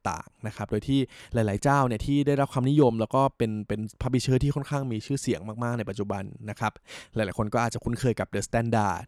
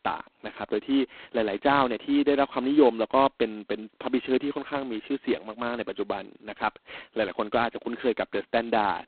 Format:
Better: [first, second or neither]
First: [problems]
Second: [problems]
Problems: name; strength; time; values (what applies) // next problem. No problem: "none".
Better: first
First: none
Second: phone-call audio; poor line; nothing above 4 kHz